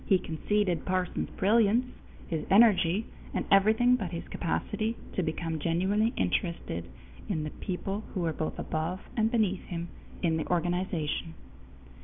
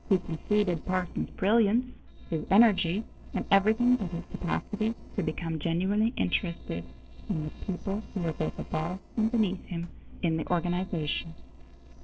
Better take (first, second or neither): first